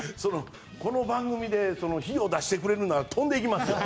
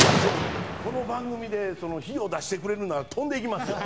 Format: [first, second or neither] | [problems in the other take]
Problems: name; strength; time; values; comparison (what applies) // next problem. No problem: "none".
first | background sound (Explosion); 1 dB above the speech